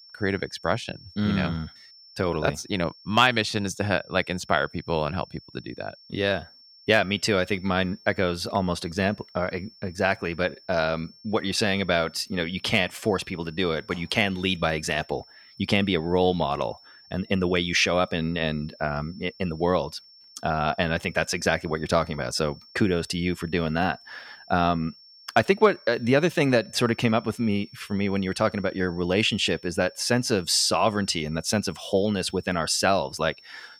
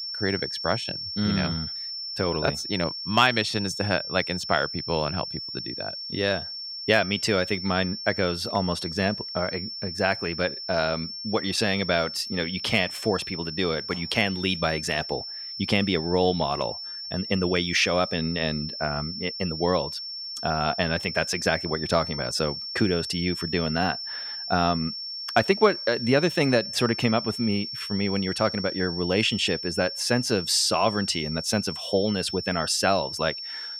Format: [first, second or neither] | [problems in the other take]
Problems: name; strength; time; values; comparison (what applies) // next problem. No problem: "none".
first | high-pitched whine; loud; throughout; 5.5 kHz, 6 dB below the speech; faint in the first